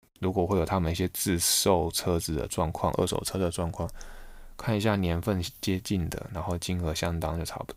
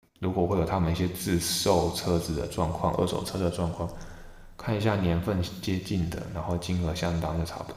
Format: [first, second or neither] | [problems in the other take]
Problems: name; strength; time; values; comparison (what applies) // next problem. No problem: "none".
first | room echo; slight; dies away in 1.5 s